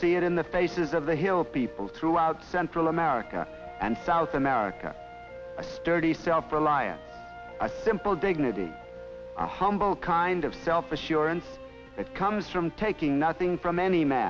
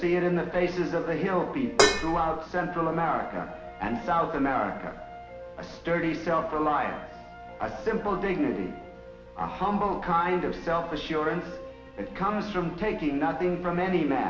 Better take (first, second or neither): first